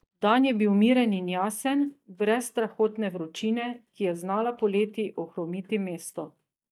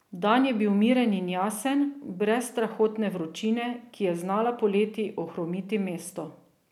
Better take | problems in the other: second | noise reduction (neural mask model DeepFilterNet 3)

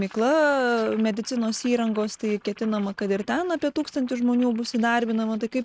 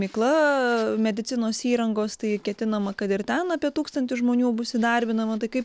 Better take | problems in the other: second | noise reduction (neural mask model RNNoise)

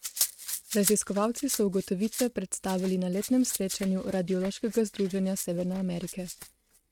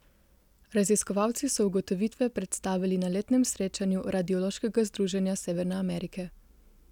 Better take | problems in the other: second | noise reduction (neural mask model RNNoise)

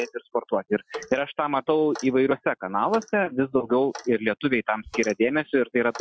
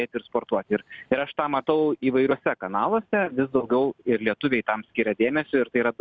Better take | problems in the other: second | noise reduction (classical method Wiener filter)

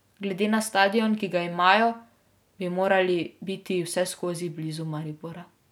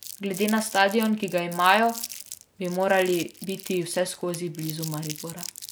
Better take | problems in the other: first | background sound (Crumpling, crinkling); 14 dB below the speech

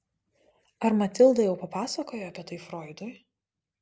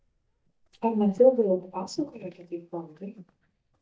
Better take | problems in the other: first | noise reduction (neural mask model DeepFilterNet 3)

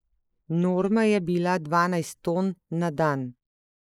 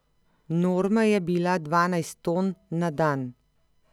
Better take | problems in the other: second | noise reduction (neural mask model Resemble Enhance denoiser)

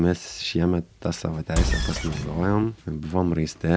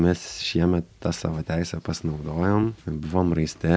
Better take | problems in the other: second | background sound (Engine); 1 dB below the speech

